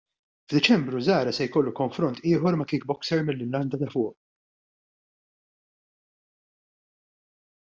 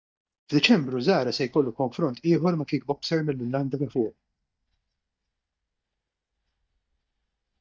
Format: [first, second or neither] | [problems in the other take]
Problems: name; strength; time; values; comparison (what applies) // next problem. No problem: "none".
first | noise reduction (neural mask model DeepFilterNet 3)